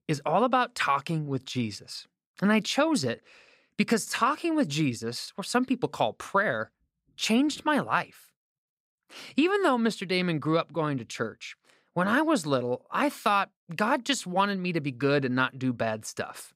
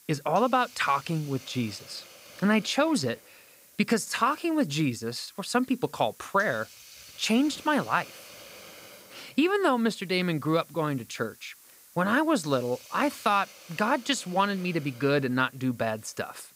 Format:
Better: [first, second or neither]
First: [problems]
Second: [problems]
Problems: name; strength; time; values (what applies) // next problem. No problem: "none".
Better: first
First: none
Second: hiss; faint; throughout; 20 dB below the speech